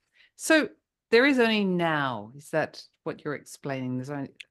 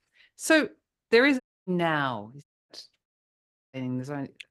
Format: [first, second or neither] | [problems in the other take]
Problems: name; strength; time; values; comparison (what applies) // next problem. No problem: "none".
first | audio cutting out; at 1.5 s, at 2.5 s and at 3 s for 0.5 s